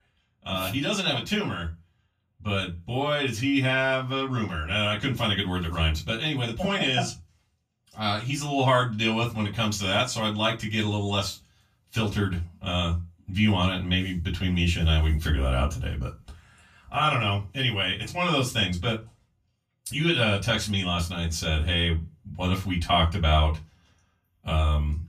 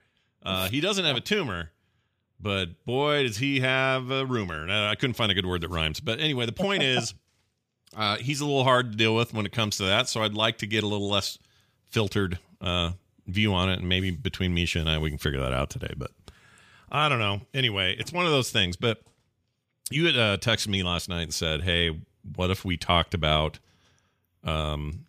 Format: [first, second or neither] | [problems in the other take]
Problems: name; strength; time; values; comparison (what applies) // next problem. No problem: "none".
second | off-mic speech; far // room echo; very slight; dies away in 0.2 s